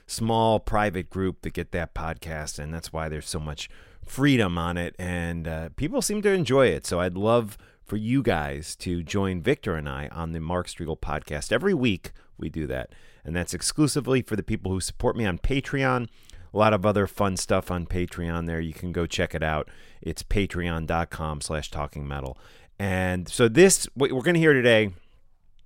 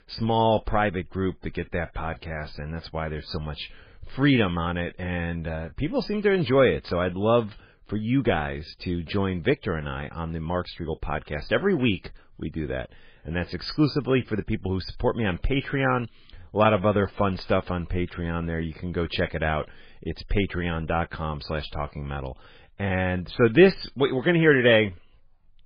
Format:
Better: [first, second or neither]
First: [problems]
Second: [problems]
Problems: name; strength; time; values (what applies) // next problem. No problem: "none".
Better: first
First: none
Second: garbled, watery; badly; nothing above 5 kHz